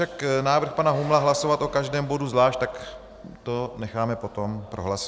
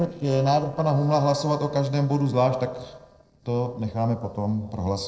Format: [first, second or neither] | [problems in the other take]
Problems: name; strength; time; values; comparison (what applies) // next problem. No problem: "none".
first | noise reduction (neural separator model SepFormer DNS4)